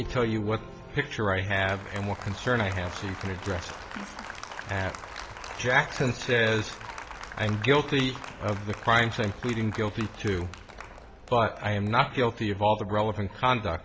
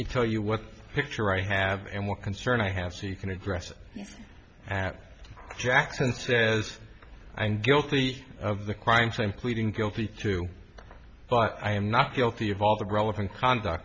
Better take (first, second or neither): second